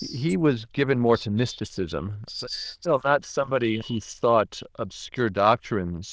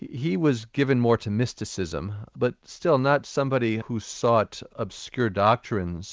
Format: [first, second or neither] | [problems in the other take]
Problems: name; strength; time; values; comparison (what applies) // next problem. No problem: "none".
second | noise reduction (neural diffusion model UNIVERSE++)